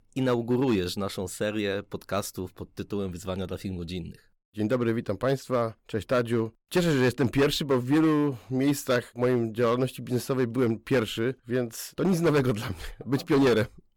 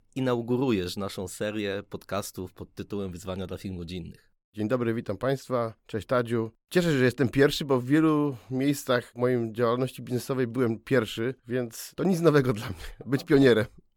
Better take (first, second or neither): second